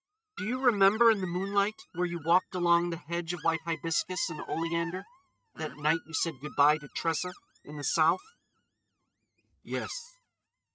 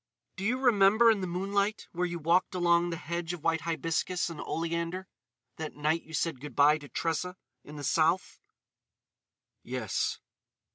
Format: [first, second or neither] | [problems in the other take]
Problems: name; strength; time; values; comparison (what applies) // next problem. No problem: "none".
second | noise reduction (neural mask model RNNoise)